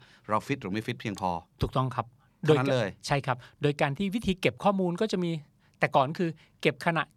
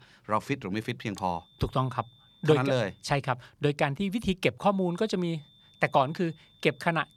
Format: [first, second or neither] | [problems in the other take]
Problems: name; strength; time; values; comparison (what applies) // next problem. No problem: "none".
first | high-pitched whine; faint; from 1.5 to 3 s and from 4.5 s on; 3.5 kHz, 30 dB below the speech